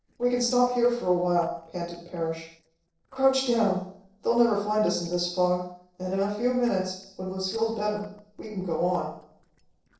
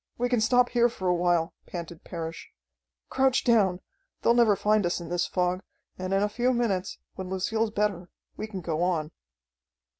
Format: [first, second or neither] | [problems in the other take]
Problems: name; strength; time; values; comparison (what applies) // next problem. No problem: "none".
second | noise reduction (neural separator model SepFormer DNS4)